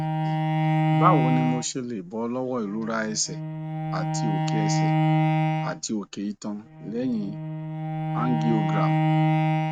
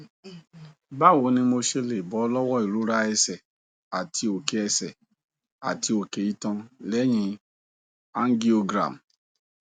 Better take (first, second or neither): second